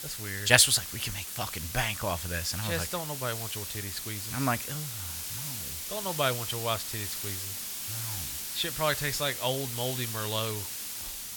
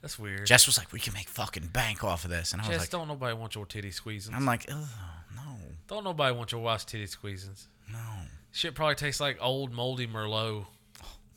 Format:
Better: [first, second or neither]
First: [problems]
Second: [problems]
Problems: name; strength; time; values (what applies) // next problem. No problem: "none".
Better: second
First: hiss; loud; throughout; 5 dB below the speech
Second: none